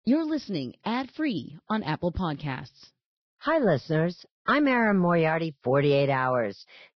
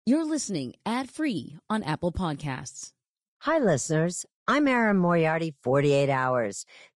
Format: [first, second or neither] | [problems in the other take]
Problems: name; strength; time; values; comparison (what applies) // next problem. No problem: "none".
second | garbled, watery; badly; nothing above 5.5 kHz; slightly in the second